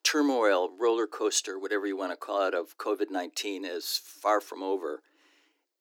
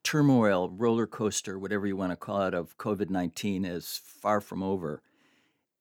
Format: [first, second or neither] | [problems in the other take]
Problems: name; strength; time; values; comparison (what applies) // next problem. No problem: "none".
second | thin; somewhat; fading below 300 Hz